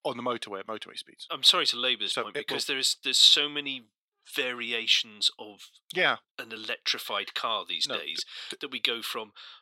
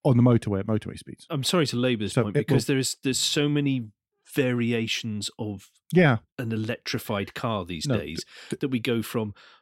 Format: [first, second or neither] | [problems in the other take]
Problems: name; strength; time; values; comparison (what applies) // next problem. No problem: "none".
second | thin; very; fading below 600 Hz